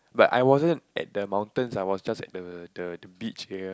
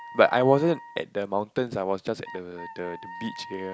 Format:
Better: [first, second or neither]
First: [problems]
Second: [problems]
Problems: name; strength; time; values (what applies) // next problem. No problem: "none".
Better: first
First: none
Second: background sound (Wind instrument, woodwind instrument); 17 dB below the speech